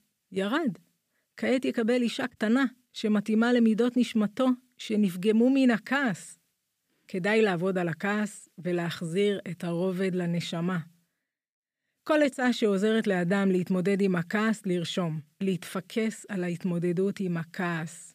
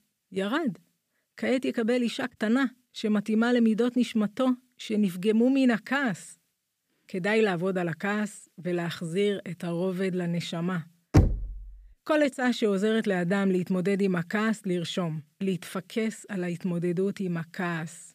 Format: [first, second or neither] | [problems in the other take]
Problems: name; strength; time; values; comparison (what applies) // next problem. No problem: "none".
first | door banging; loud; at 11 s; peak 4 dB above the speech